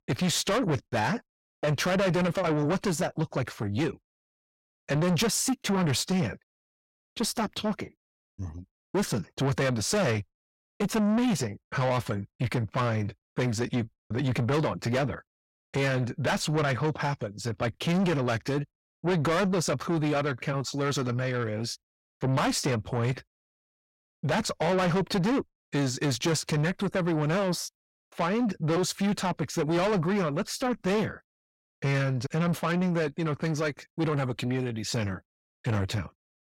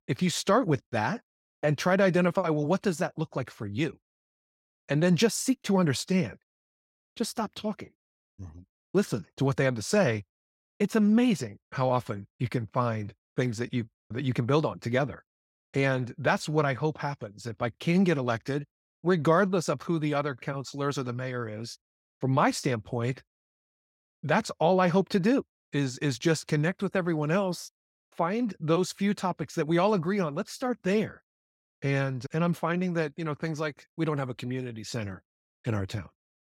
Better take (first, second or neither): second